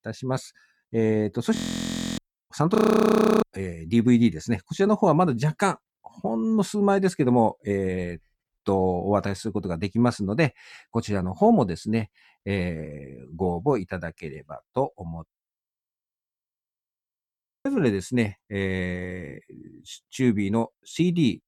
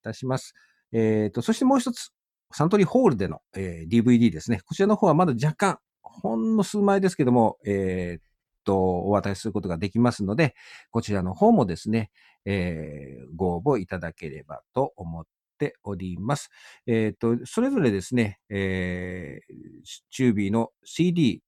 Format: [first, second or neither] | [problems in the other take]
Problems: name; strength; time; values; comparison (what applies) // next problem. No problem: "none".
second | audio freezing; at 1.5 s for 0.5 s, at 3 s for 0.5 s and at 16 s for 2 s